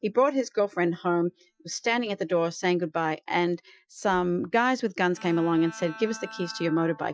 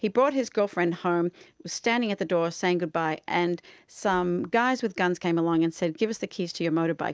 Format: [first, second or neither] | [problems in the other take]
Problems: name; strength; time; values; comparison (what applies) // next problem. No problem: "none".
second | noise reduction (classical method Wiener filter)